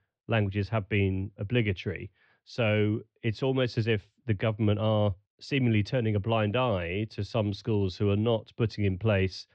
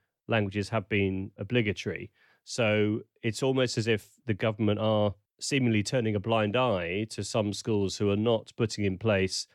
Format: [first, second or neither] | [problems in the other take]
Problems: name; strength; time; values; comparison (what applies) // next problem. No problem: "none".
second | muffled; very slightly; fading above 4 kHz